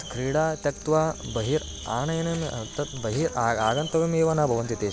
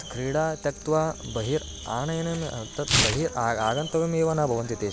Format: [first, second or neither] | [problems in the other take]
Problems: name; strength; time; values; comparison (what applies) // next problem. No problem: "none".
first | background sound (Tearing); 6 dB below the speech